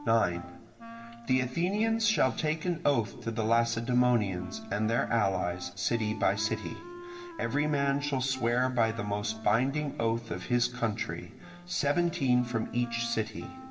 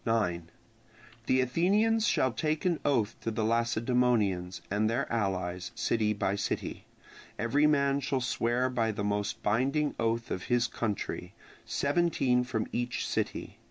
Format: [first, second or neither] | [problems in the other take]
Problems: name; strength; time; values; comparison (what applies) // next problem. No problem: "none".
second | background sound (Wind instrument, woodwind instrument); 17 dB below the speech // room echo; dies away in 1.3 s